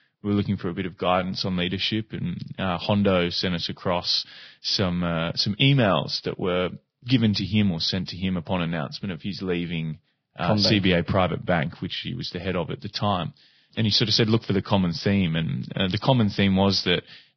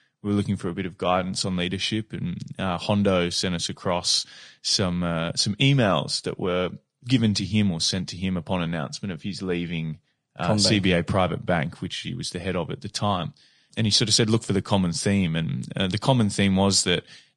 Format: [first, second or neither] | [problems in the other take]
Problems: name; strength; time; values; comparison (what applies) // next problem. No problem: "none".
second | garbled, watery; badly; nothing above 5.5 kHz; slightly in the second